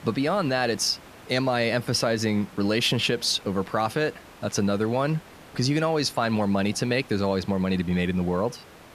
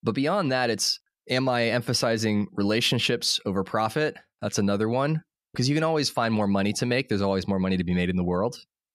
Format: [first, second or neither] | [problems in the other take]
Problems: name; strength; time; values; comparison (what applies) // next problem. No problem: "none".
second | hiss; faint; throughout; 20 dB below the speech